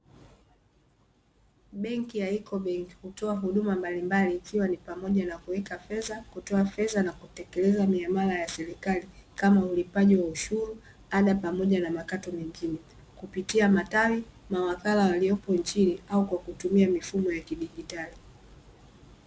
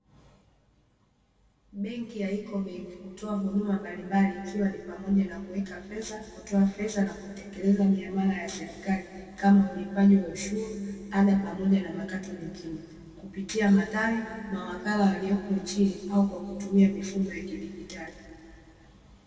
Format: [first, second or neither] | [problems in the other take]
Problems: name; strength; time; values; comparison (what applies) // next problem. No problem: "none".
first | room echo; dies away in 2.1 s